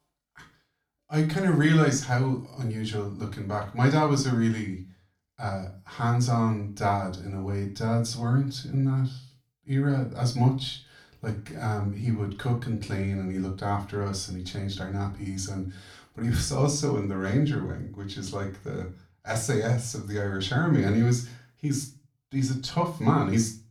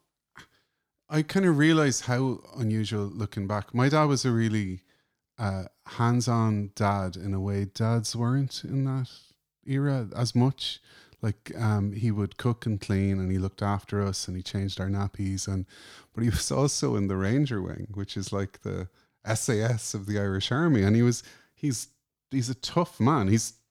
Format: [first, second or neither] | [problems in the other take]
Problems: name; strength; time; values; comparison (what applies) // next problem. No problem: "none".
second | off-mic speech; somewhat distant // room echo; very slight; dies away in 0.3 s